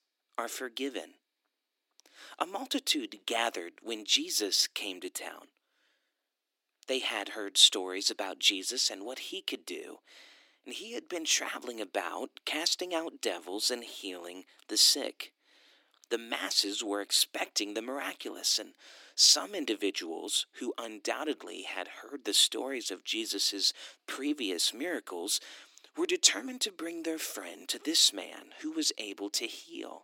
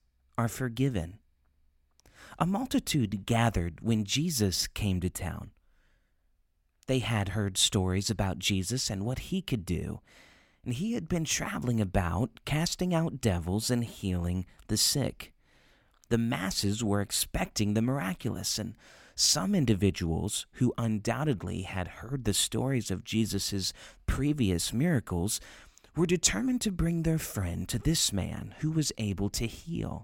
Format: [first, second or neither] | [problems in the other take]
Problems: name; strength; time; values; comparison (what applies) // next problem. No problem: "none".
second | thin; somewhat; fading below 300 Hz